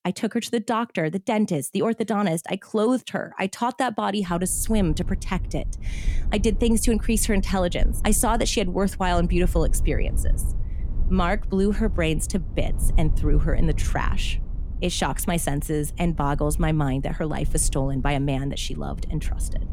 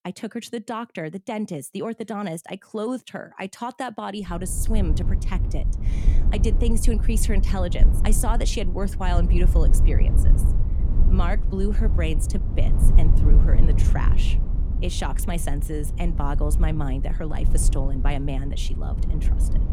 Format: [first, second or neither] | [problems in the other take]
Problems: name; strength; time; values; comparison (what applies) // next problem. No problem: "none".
first | low rumble; loud; from 4.5 s on; 8 dB below the speech; faint in the first